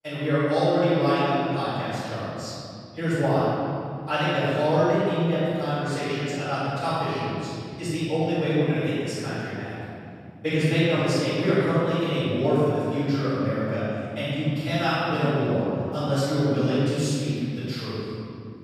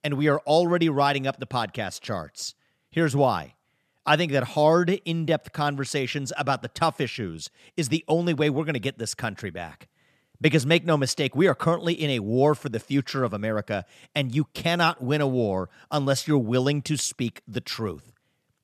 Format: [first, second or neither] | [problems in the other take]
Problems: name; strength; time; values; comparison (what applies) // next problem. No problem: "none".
second | room echo; strong; dies away in 2.3 s // off-mic speech; far